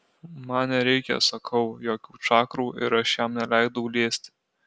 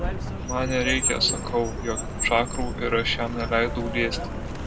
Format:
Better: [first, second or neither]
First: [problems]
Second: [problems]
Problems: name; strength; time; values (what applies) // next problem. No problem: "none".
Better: first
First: none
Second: background sound (Car); 2 dB below the speech // room echo; dies away in 0.2 s